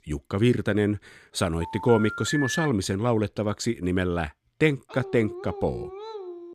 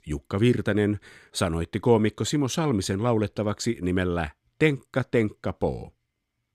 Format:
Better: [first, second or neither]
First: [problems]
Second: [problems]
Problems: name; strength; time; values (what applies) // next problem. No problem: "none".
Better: second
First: phone ringing; noticeable; from 1.5 to 2.5 s; peak 4 dB below the speech // dog barking; faint; from 5 s on; peak 10 dB below the speech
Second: none